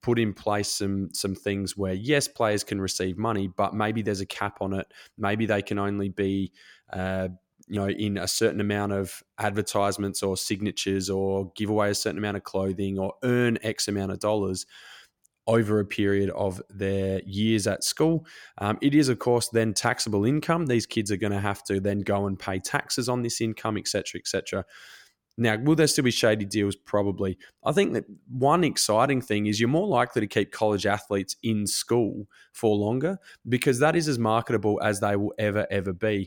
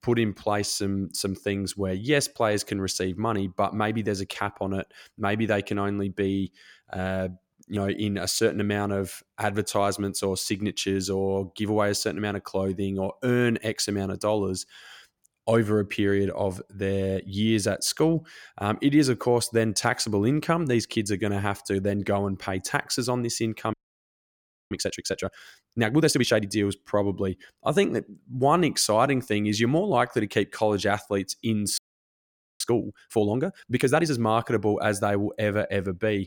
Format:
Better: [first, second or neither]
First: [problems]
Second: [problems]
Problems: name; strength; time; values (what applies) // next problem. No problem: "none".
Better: first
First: none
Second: audio freezing; at 24 s for 1 s and at 32 s for 1 s